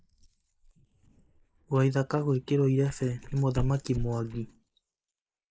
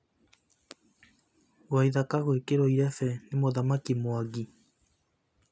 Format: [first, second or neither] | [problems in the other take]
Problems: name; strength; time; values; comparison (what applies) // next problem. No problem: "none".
second | noise reduction (neural mask model Resemble Enhance denoiser)